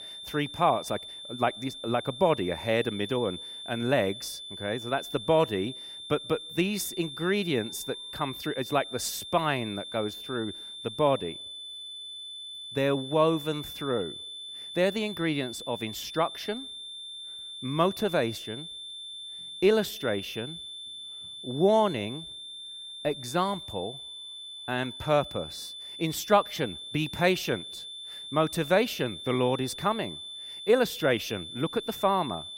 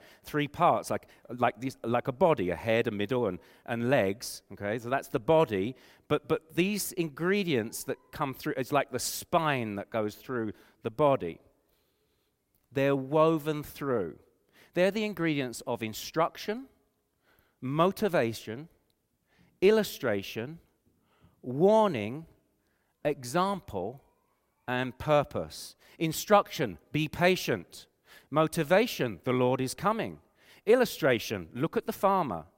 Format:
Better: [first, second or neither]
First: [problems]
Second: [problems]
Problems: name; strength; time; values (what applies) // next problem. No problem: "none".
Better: second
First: high-pitched whine; loud; throughout; 3.5 kHz, 10 dB below the speech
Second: none